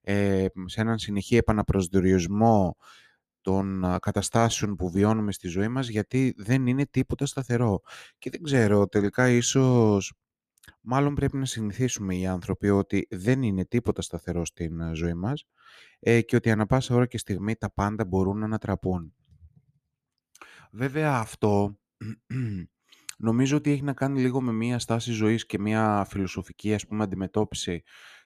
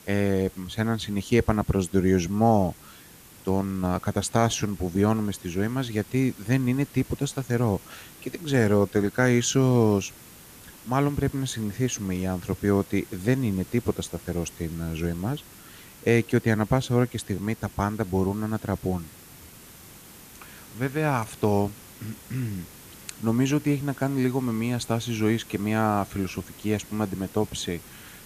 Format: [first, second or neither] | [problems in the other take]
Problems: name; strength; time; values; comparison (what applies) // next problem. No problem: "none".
first | hiss; noticeable; throughout; 20 dB below the speech